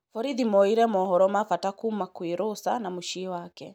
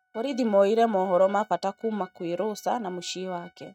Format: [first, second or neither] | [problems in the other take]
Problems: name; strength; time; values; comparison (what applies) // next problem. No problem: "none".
first | noise reduction (neural mask model RNNoise)